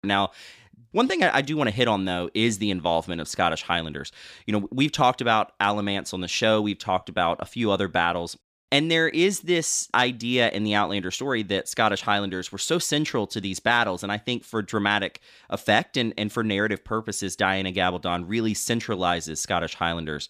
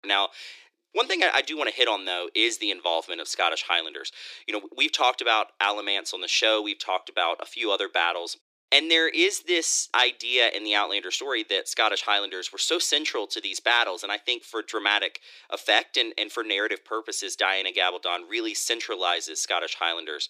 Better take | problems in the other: first | thin; very; fading below 300 Hz

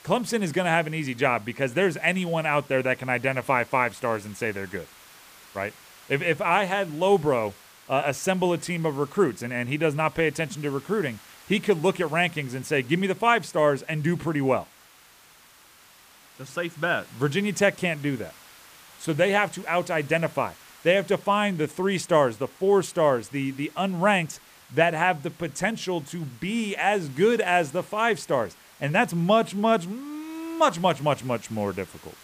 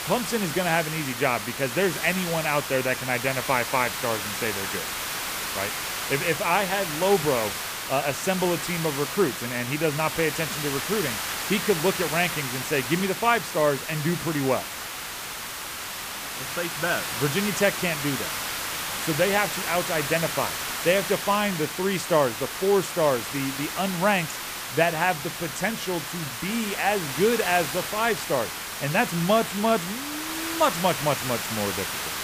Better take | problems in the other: first | hiss; loud; throughout; 4 dB below the speech; faint in the first

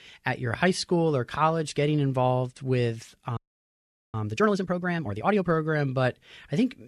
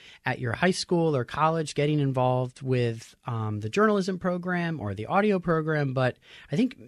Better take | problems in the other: second | audio freezing; at 3.5 s for 1 s

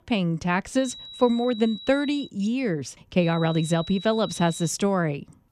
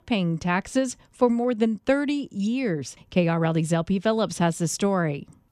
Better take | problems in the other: second | high-pitched whine; noticeable; from 1 to 2.5 s and from 3 to 4.5 s; 4 kHz, 15 dB below the speech

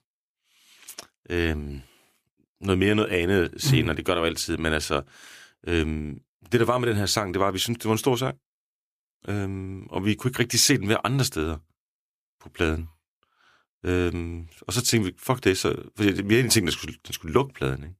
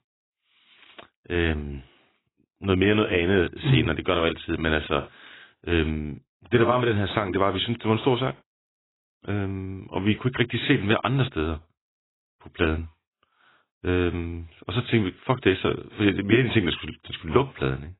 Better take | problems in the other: first | garbled, watery; badly; nothing above 4 kHz

